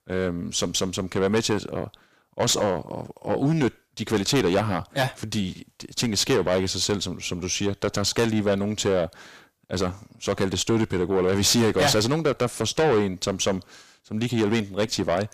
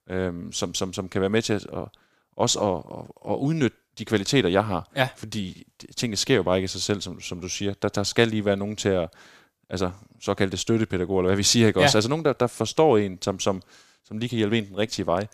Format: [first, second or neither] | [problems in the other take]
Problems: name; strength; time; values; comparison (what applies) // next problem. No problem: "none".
second | distortion; heavy; 6 dB below the speech